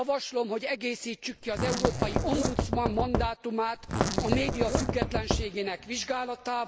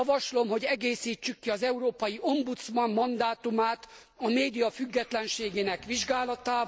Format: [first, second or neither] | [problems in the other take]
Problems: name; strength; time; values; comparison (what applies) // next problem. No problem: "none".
second | background sound (Knock + Zipper (clothing)); 2 dB above the speech